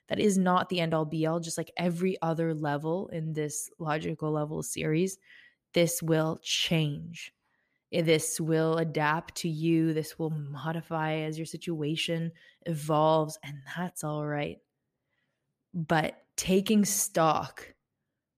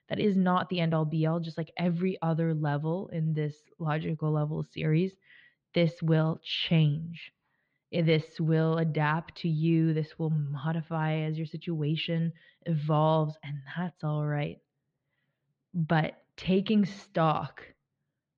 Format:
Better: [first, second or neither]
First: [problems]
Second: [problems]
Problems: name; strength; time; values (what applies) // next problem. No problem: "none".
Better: first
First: none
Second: muffled; slightly; fading above 4 kHz